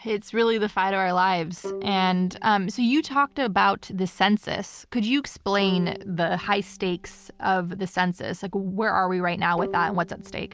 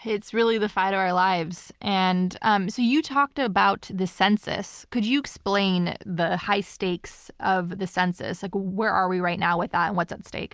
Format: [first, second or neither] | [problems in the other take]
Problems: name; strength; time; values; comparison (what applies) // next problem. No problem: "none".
second | background sound (Bowed string instrument); 17 dB below the speech